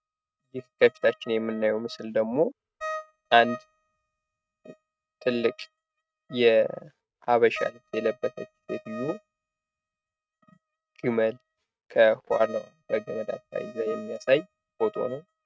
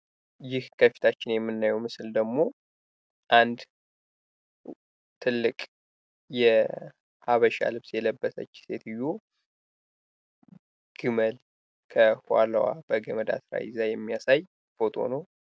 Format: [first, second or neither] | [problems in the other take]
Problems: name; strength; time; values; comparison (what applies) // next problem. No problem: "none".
second | noise reduction (neural mask model RNNoise)